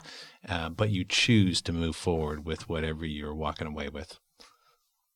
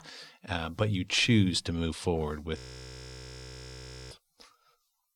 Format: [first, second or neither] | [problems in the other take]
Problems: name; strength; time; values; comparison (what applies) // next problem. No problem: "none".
first | audio freezing; at 2.5 s for 1.5 s